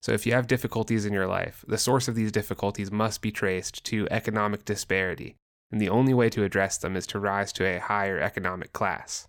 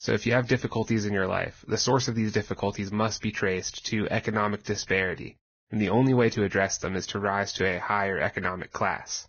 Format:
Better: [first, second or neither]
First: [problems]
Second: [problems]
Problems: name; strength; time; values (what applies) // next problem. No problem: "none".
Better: first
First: none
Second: garbled, watery; badly; nothing above 6.5 kHz